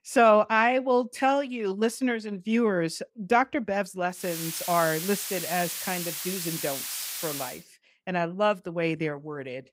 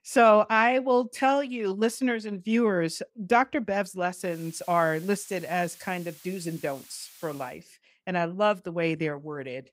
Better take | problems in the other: second | hiss; loud; from 4.5 to 7.5 s; 5 dB below the speech; faint in the second

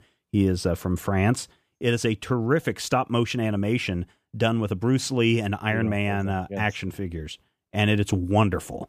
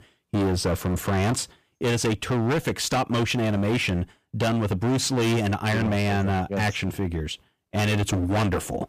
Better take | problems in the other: first | distortion; heavy; 24% of the sound clipped

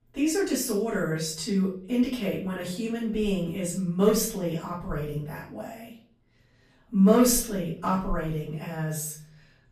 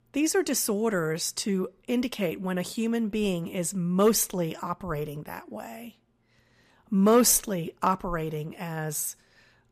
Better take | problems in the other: second | off-mic speech; far // room echo; noticeable; dies away in 0.5 s

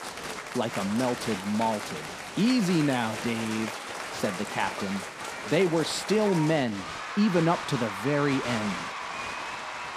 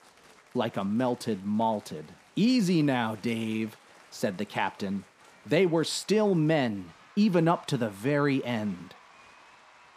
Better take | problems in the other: second | crowd noise; loud; throughout; 7 dB below the speech; faint in the second

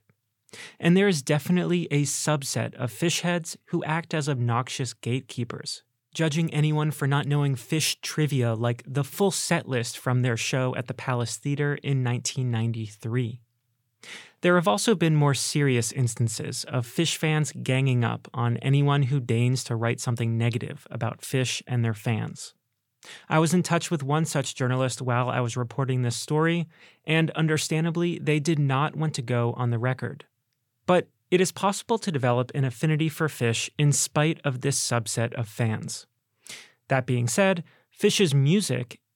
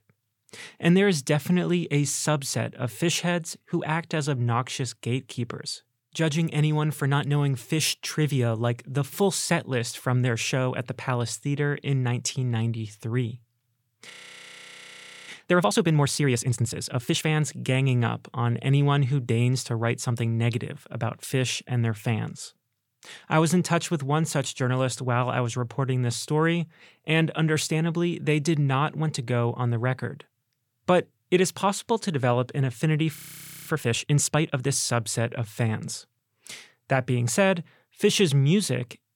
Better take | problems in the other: first | audio freezing; at 14 s for 1 s and at 33 s for 0.5 s

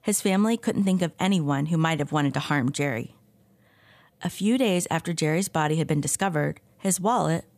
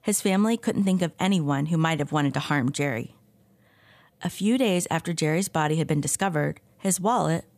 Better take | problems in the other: neither | none

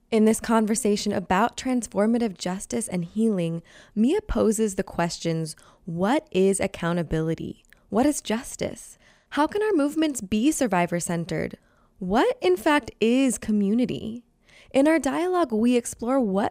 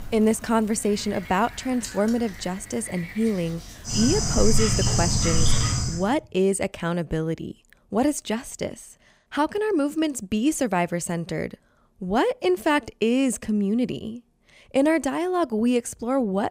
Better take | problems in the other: first | animal sounds; loud; until 6 s; as loud as the speech

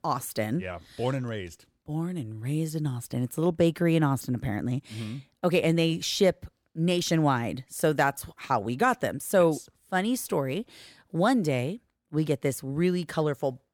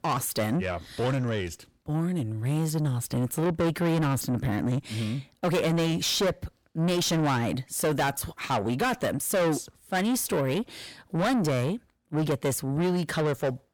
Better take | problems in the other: first | distortion; heavy; 6 dB below the speech

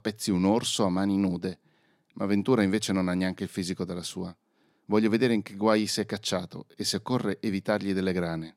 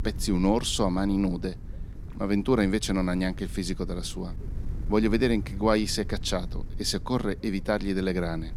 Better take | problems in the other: first | wind noise on the microphone; occasional gusts; 20 dB below the speech

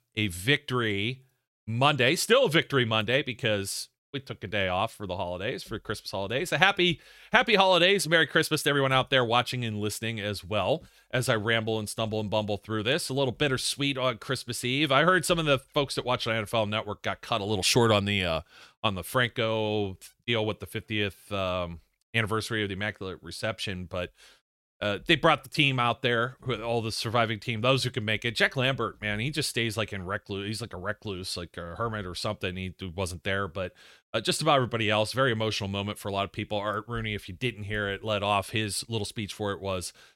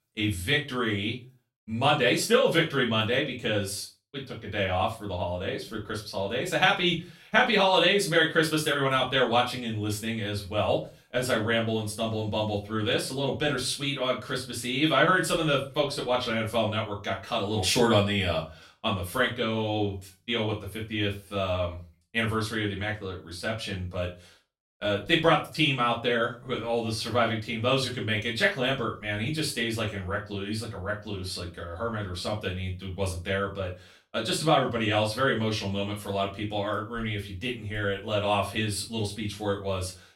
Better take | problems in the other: first | off-mic speech; far // room echo; slight; dies away in 0.3 s

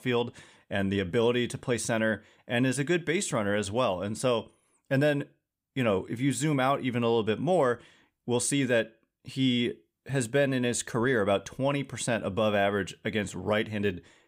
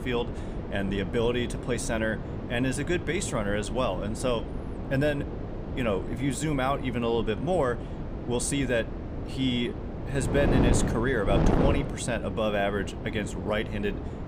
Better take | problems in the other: first | wind noise on the microphone; heavy; 7 dB below the speech

